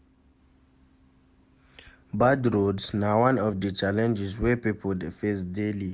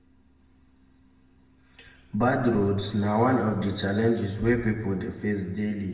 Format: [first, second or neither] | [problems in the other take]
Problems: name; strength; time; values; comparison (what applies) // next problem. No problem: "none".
first | room echo; dies away in 1.2 s